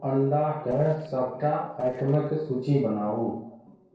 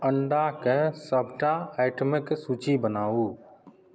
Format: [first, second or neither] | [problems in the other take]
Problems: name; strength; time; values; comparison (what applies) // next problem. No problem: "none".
second | noise reduction (neural separator model SepFormer DNS4)